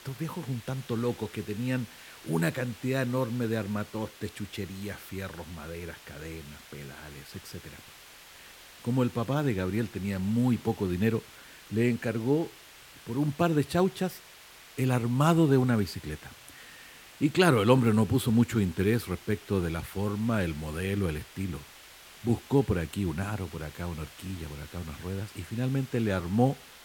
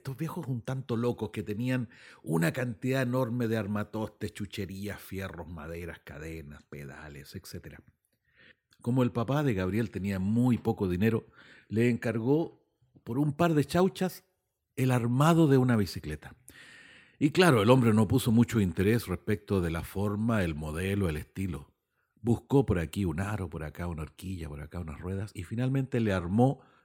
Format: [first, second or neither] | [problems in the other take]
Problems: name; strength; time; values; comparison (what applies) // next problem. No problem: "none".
second | hiss; noticeable; throughout; 20 dB below the speech